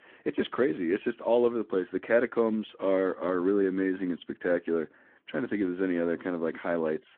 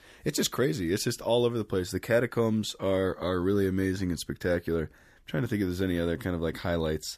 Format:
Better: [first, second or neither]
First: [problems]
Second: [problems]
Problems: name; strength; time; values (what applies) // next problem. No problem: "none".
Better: second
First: phone-call audio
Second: none